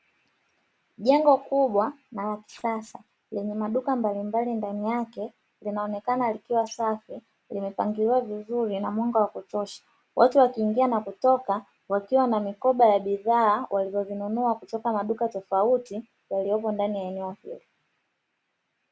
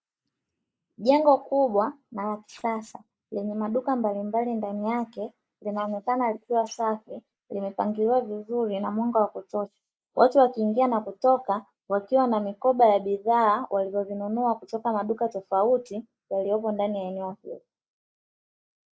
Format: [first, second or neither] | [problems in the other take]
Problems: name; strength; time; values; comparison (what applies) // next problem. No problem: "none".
first | noise reduction (neural mask model Resemble Enhance denoiser)